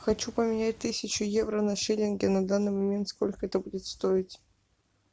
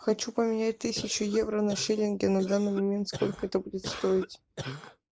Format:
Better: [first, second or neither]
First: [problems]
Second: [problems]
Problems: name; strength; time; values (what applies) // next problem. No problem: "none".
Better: first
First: none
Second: noise reduction (neural mask model Resemble Enhance denoiser)